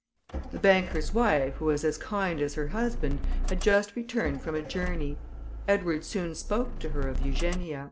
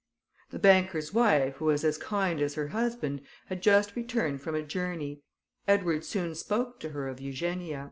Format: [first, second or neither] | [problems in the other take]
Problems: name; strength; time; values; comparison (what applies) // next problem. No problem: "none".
second | background sound (Motor vehicle (road)); 2 dB below the speech